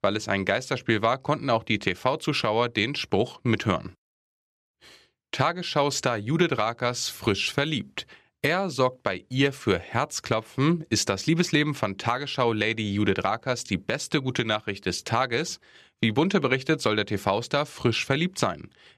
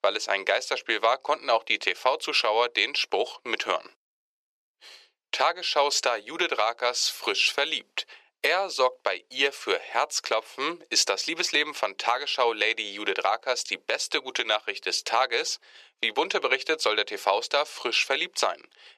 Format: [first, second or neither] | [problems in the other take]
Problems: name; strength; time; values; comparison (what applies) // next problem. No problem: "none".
first | thin; very; fading below 450 Hz